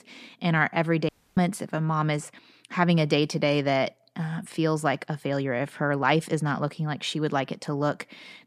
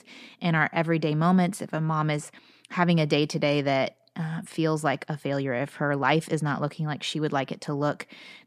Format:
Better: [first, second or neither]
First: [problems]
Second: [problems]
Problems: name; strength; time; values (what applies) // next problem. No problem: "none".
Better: second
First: audio cutting out; at 1 s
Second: none